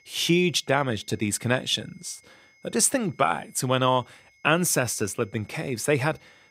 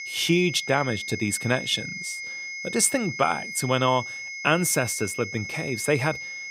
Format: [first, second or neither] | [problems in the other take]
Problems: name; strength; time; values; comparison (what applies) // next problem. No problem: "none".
first | high-pitched whine; loud; throughout; 2 kHz, 8 dB below the speech; faint in the first